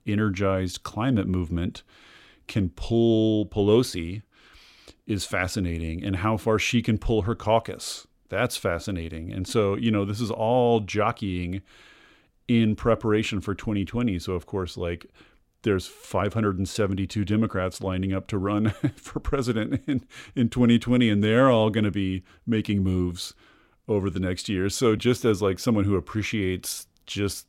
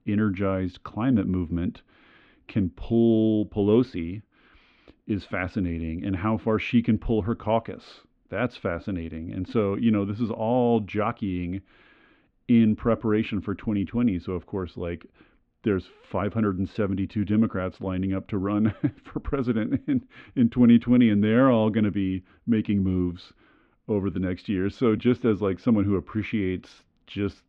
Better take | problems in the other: first | muffled; very; fading above 3 kHz

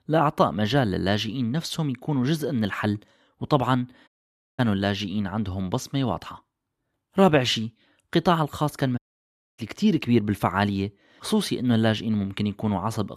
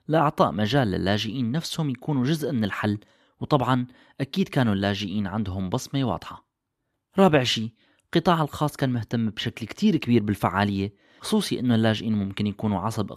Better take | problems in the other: second | audio cutting out; at 4 s for 0.5 s and at 9 s for 0.5 s

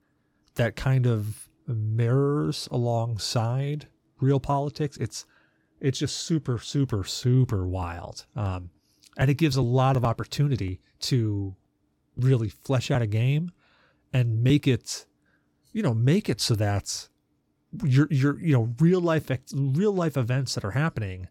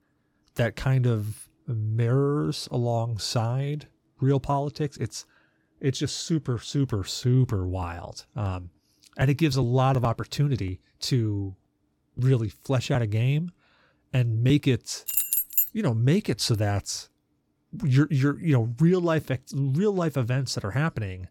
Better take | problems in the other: first | jangling keys; loud; at 15 s; peak 4 dB above the speech

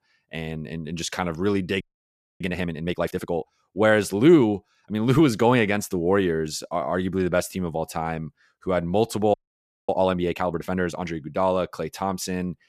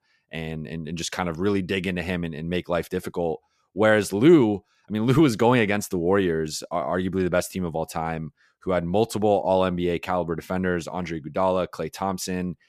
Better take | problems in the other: second | audio freezing; at 2 s for 0.5 s and at 9.5 s for 0.5 s

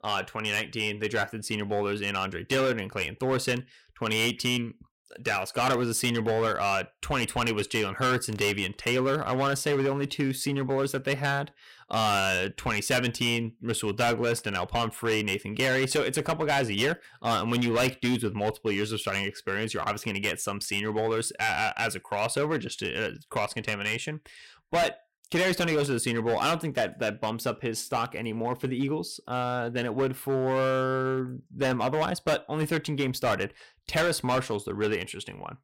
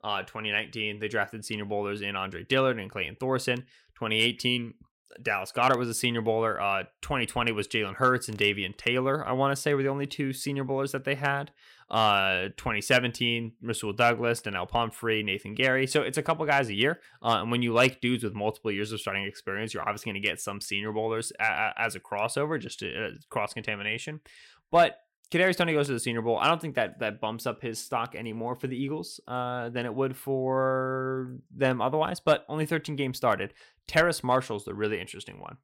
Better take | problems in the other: second | distortion; heavy; 9% of the sound clipped

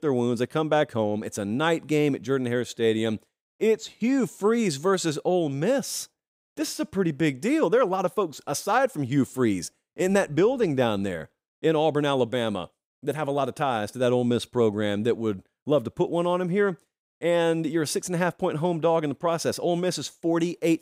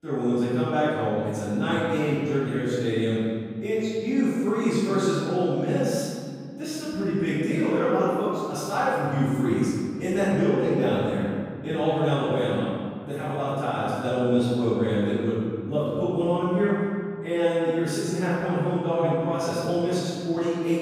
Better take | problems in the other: first | off-mic speech; far // room echo; strong; dies away in 2.2 s

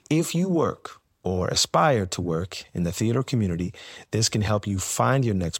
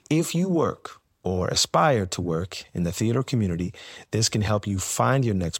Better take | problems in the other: neither | none

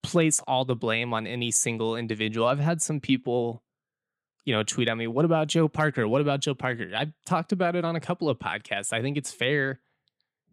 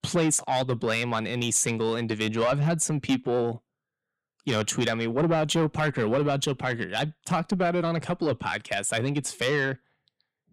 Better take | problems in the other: first | distortion; slight; 10 dB below the speech

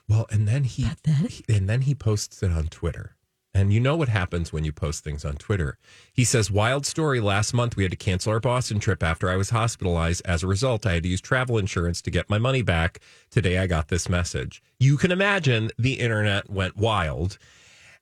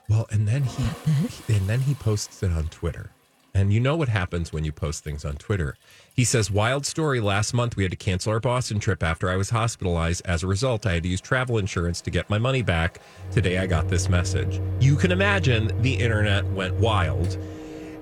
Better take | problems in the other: first | household noises; loud; throughout; 5 dB below the speech

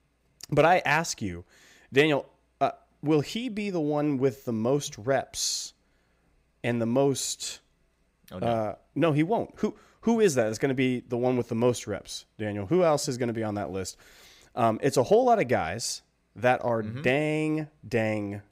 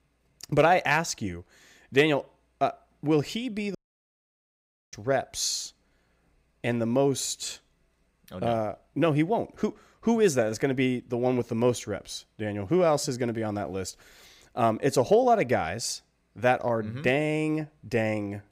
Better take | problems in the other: first | audio cutting out; at 4 s for 1 s

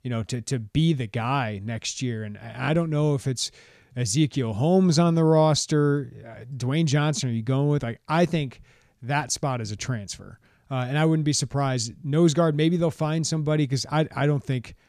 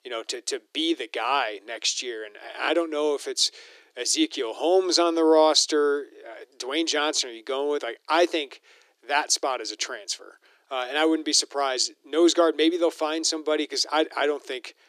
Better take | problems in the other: first | thin; very; fading below 300 Hz

